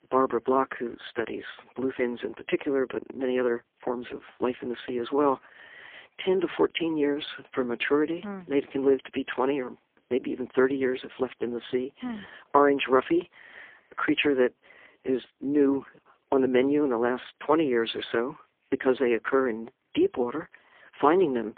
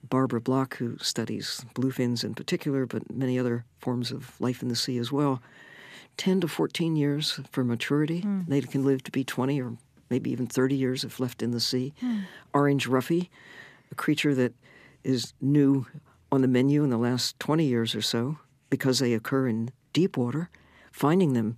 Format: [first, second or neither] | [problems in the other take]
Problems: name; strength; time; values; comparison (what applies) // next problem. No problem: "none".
second | phone-call audio; poor line